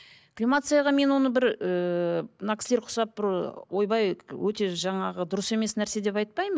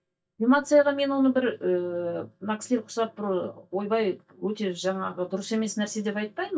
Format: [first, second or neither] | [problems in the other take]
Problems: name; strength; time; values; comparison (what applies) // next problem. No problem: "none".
first | noise reduction (neural mask model DeepFilterNet 3)